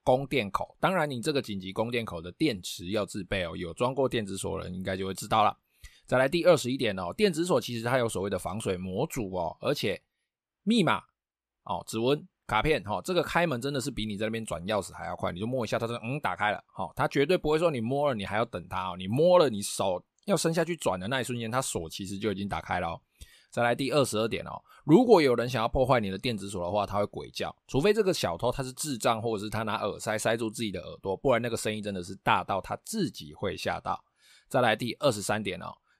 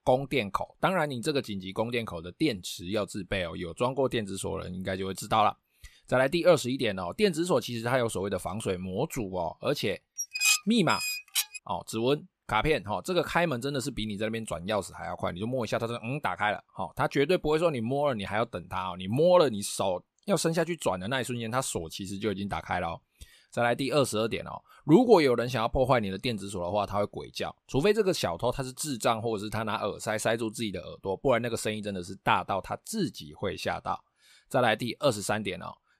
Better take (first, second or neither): first